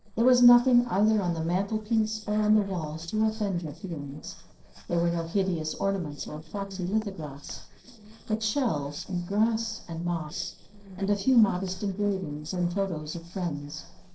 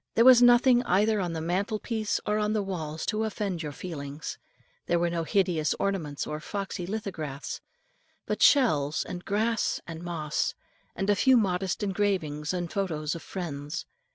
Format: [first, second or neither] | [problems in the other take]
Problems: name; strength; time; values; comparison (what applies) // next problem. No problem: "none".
second | noise reduction (neural separator model SepFormer DNS4)